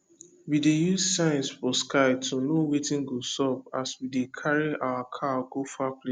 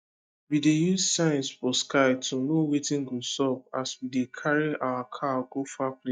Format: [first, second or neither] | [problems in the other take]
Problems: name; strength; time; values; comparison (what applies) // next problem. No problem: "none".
first | noise reduction (neural mask model DeepFilterNet 3)